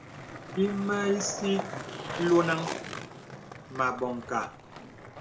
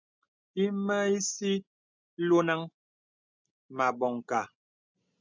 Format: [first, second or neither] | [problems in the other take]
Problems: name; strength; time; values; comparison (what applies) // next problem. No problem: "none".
second | background sound (Skateboard); 8 dB below the speech // room echo; dies away in 0.6 s